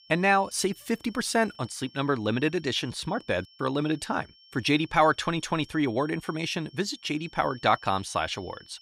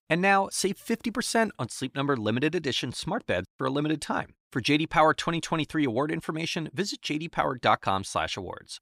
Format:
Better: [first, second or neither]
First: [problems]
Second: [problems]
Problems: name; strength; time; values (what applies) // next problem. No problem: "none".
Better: second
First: high-pitched whine; faint; throughout; 5.5 kHz, 25 dB below the speech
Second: none